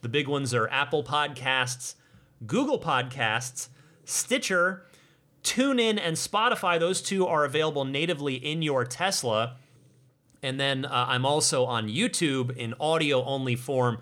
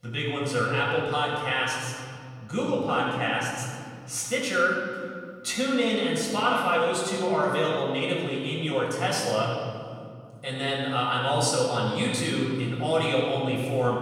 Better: first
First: none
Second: off-mic speech; far // room echo; noticeable; dies away in 2.2 s

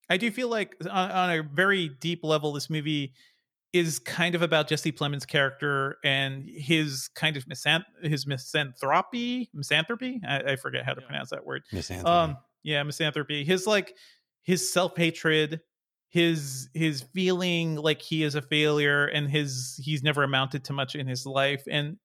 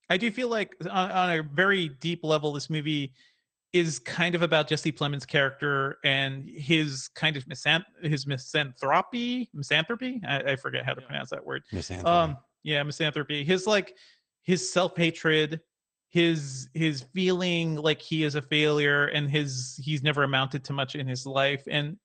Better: first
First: none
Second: garbled, watery; slightly; nothing above 8.5 kHz

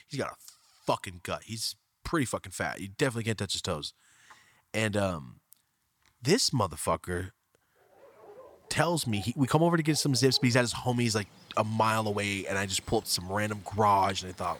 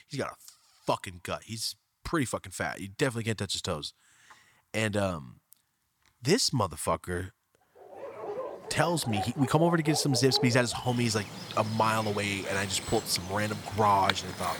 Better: first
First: animal sounds; faint; from 8 s on; 25 dB below the speech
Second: animal sounds; loud; from 8 s on; 9 dB below the speech

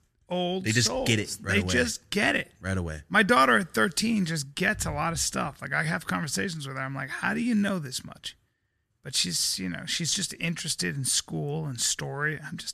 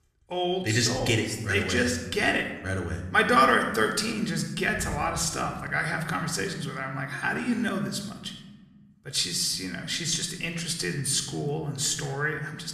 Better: first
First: none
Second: room echo; slight; dies away in 0.9 s // off-mic speech; somewhat distant

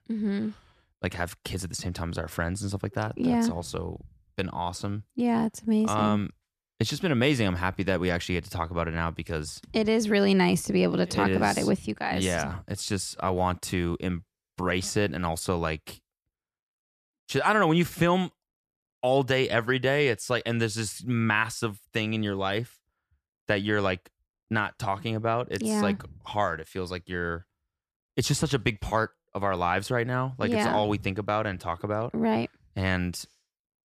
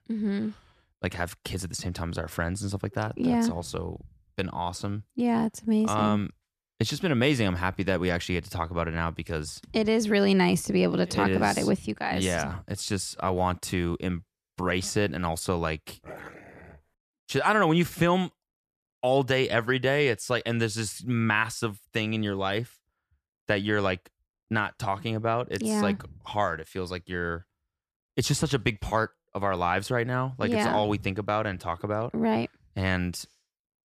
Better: first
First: none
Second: dog barking; faint; at 16 s; peak 15 dB below the speech

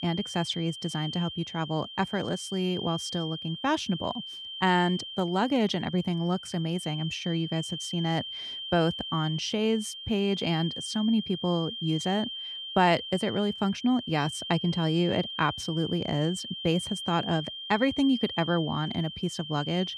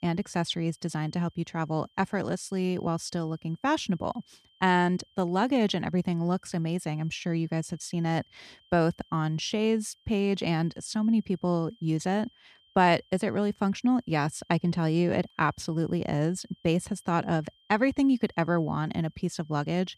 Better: second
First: high-pitched whine; loud; throughout; 3 kHz, 7 dB below the speech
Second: high-pitched whine; faint; throughout; 3 kHz, 35 dB below the speech

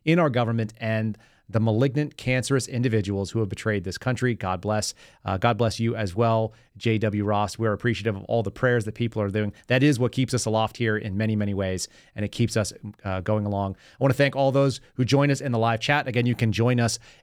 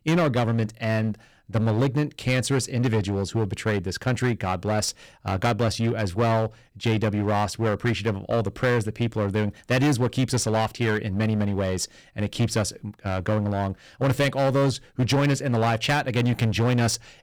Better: first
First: none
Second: distortion; slight; 12% of the sound clipped

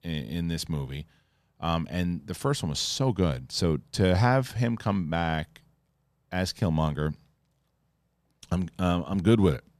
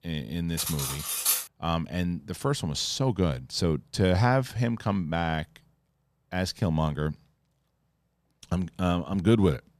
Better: first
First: none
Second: clattering dishes; loud; at 0.5 s; peak 3 dB above the speech

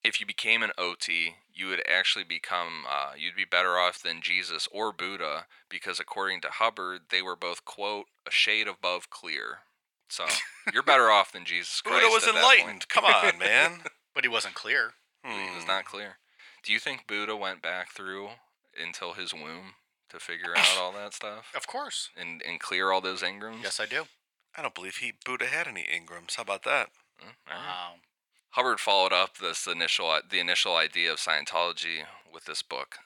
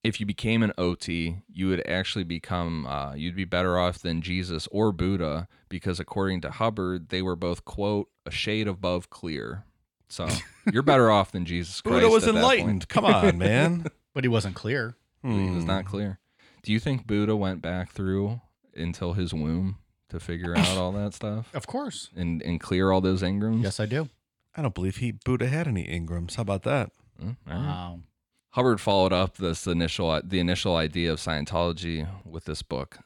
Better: second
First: thin; very; fading below 850 Hz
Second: none

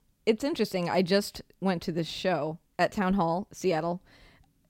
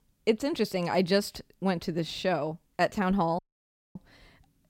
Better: first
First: none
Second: audio cutting out; at 3.5 s for 0.5 s

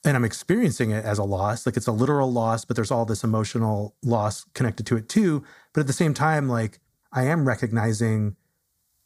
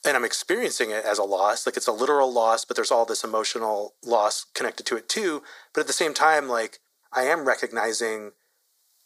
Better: first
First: none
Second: thin; very; fading below 400 Hz

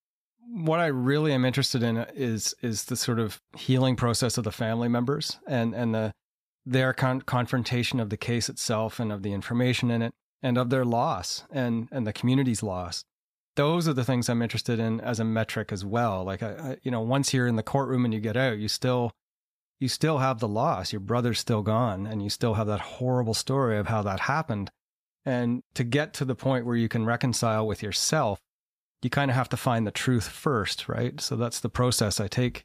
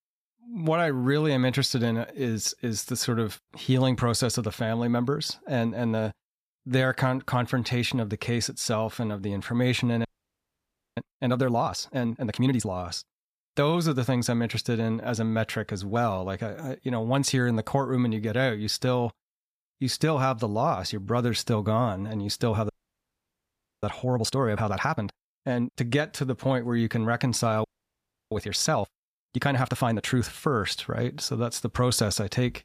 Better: first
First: none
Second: audio freezing; at 10 s for 1 s, at 23 s for 1 s and at 28 s for 0.5 s

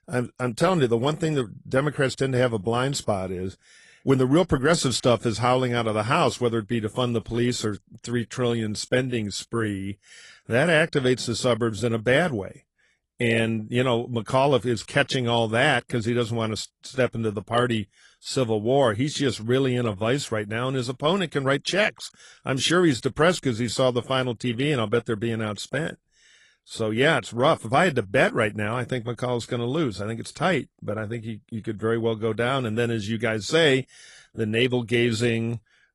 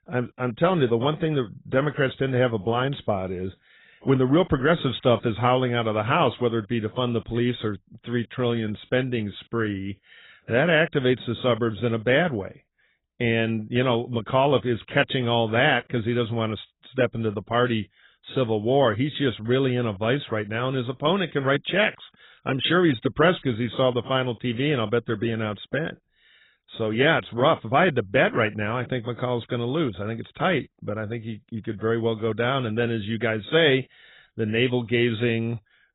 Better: first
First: garbled, watery; slightly; nothing above 11 kHz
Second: garbled, watery; badly; nothing above 3.5 kHz

